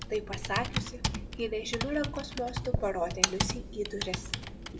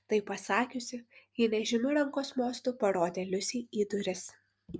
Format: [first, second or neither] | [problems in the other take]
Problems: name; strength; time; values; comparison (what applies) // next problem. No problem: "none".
second | background sound (Computer keyboard); as loud as the speech // room echo; dies away in 0.3 s